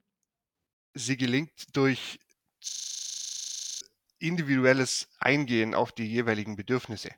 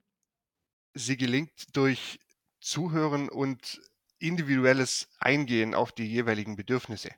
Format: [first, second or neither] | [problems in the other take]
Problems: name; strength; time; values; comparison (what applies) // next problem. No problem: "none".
second | audio freezing; at 2.5 s for 1 s